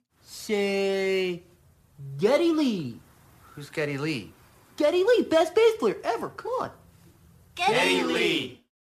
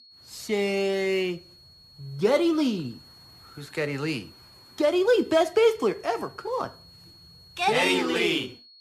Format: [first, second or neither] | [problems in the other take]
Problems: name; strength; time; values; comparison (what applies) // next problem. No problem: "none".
first | high-pitched whine; faint; throughout; 4.5 kHz, 25 dB below the speech